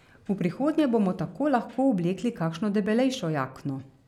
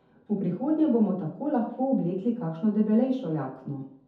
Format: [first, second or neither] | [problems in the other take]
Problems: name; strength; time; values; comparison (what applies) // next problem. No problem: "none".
first | room echo; dies away in 0.5 s